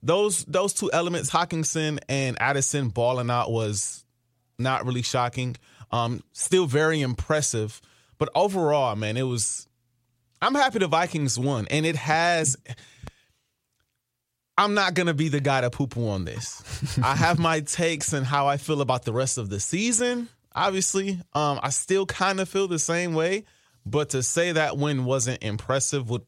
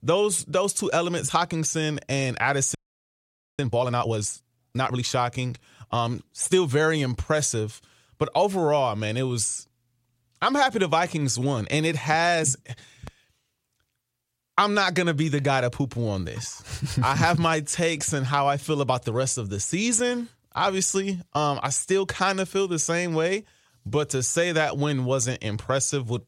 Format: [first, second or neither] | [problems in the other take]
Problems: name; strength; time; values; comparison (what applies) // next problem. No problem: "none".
first | audio freezing; at 3 s for 1 s